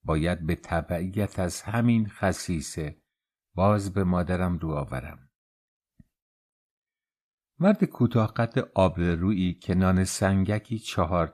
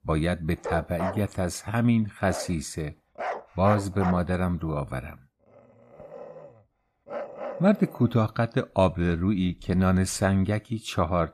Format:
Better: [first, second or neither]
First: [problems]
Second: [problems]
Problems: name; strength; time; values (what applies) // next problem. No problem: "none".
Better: first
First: none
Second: animal sounds; noticeable; throughout; 10 dB below the speech